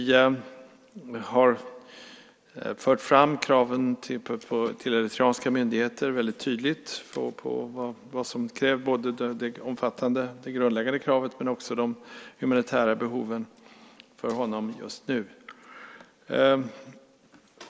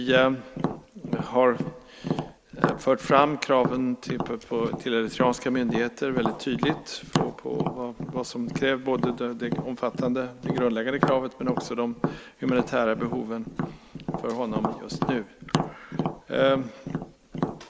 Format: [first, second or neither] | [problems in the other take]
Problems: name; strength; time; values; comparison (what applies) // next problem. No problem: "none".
first | background sound (Tap); 5 dB below the speech